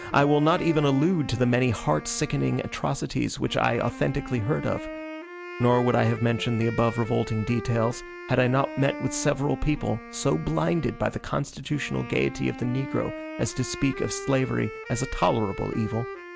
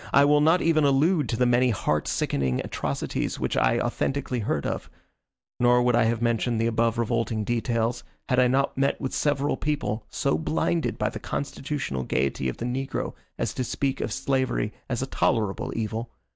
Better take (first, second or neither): second